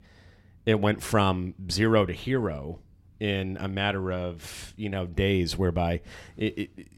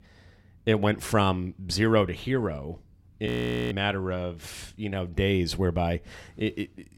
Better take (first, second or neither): first